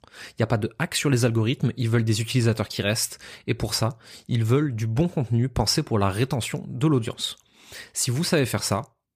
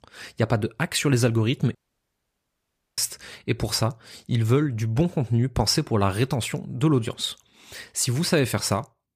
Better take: first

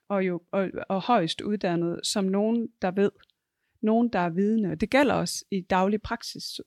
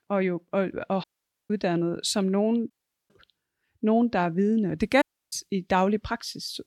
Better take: first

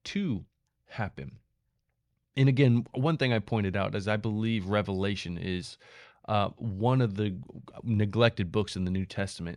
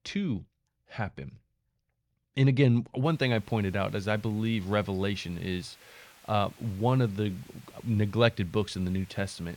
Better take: first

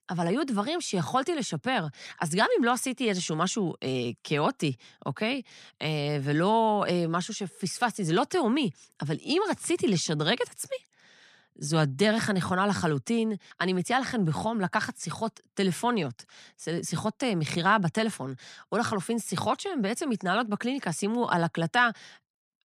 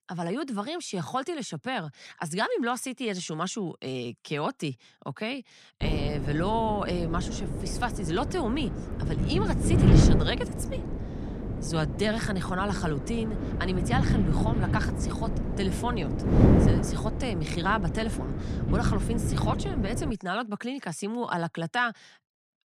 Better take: first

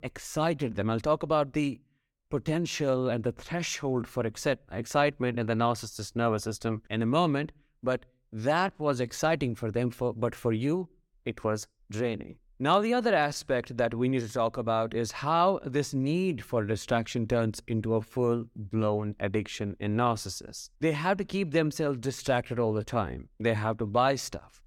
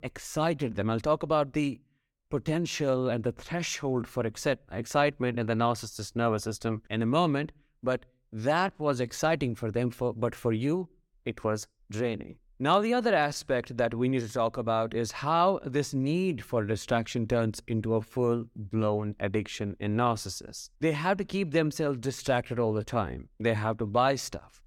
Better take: neither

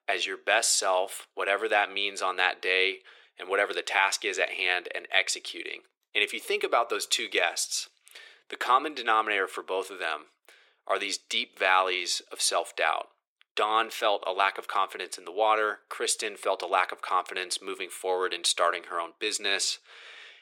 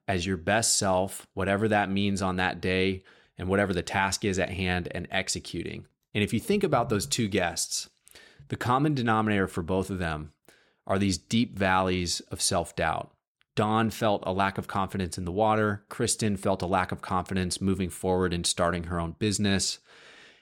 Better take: second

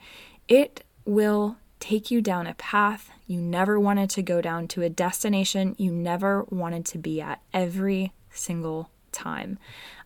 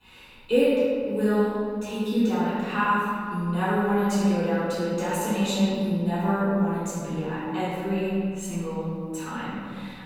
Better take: first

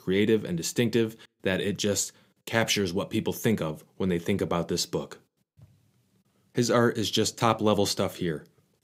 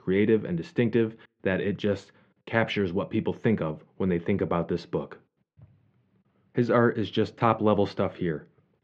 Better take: first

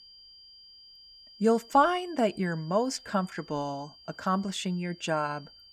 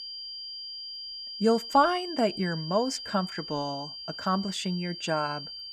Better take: first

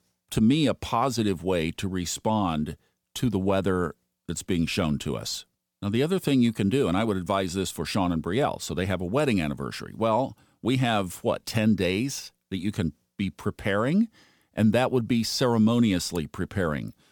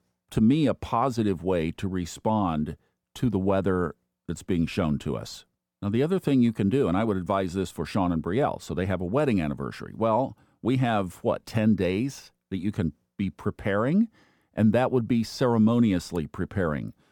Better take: first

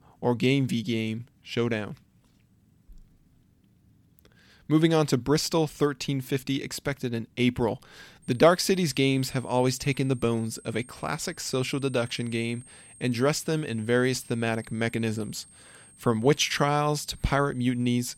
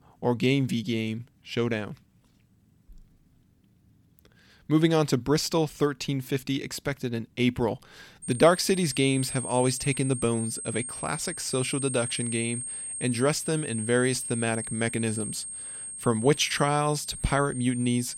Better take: first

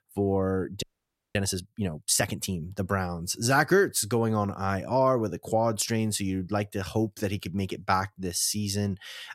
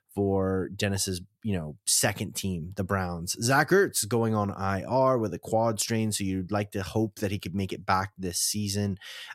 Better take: second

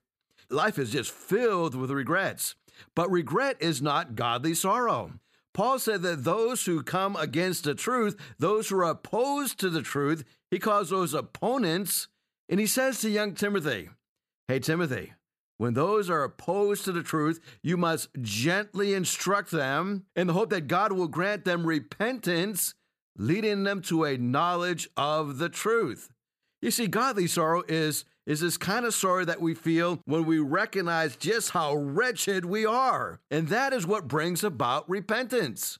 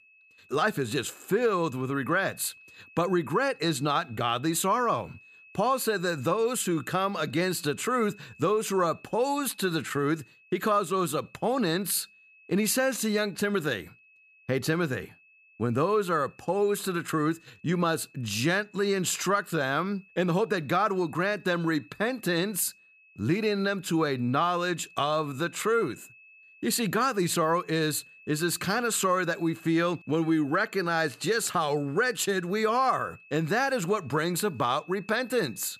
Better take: first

